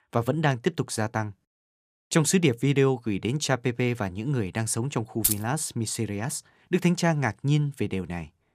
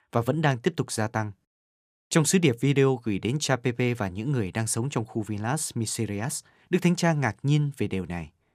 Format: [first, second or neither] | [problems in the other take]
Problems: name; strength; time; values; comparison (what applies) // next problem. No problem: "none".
second | jangling keys; loud; at 5 s; peak 1 dB above the speech